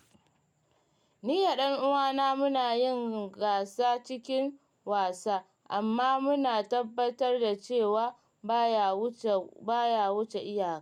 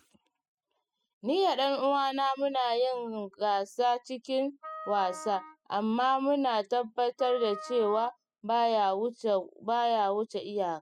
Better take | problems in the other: first | noise reduction (classical method spectral subtraction)

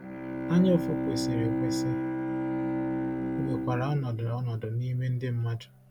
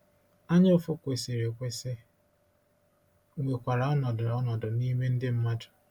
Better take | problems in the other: second | background sound (Bowed string instrument); 1 dB below the speech

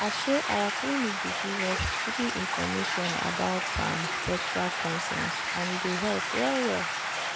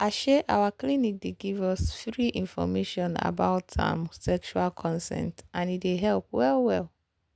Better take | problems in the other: second | background sound (Stream); 1 dB above the speech

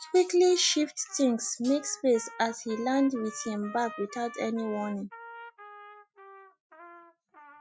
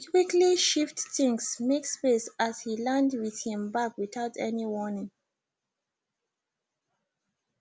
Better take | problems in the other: second | noise reduction (classical method Wiener filter)

